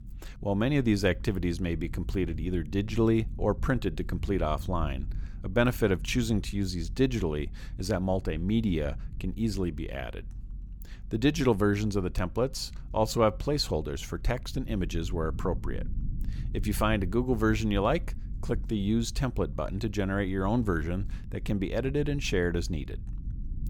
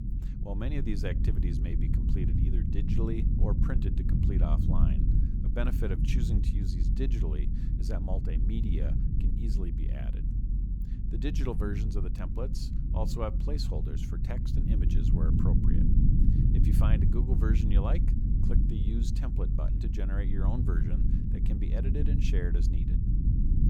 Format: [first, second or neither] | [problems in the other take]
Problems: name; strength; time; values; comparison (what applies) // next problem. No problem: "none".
first | low rumble; loud; throughout; 1 dB below the speech; faint in the first